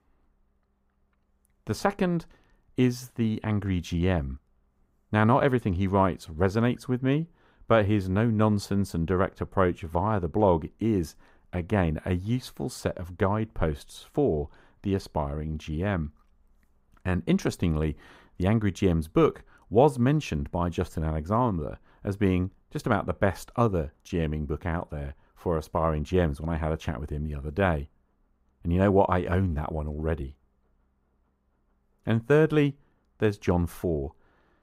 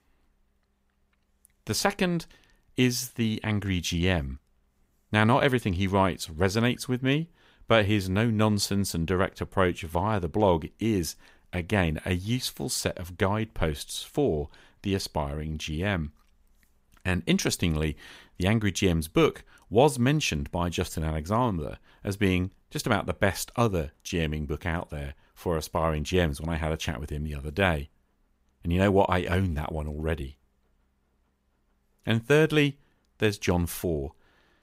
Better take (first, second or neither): second